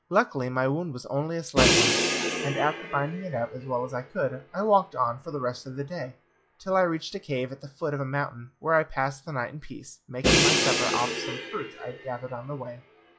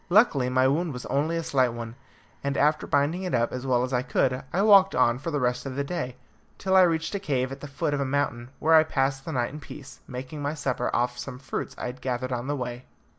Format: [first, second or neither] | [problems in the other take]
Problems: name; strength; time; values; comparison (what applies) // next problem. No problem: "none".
second | noise reduction (classical method log-MMSE)